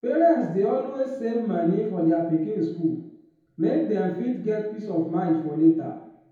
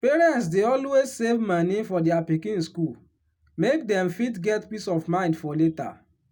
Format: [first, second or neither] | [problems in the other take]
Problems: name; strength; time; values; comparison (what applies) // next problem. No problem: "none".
second | room echo; dies away in 2 s